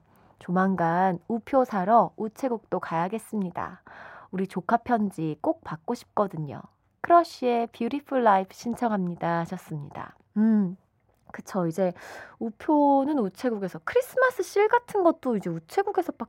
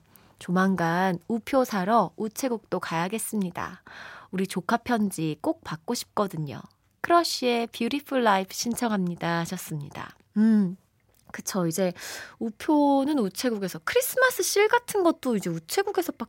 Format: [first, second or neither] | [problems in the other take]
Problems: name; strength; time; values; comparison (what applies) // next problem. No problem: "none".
second | muffled; very; fading above 2.5 kHz